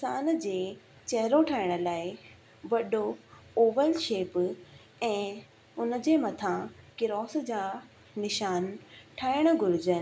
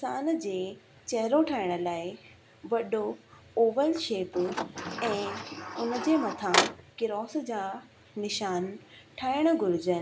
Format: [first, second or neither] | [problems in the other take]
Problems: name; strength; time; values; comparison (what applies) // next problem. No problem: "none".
first | background sound (Sliding door); 2 dB below the speech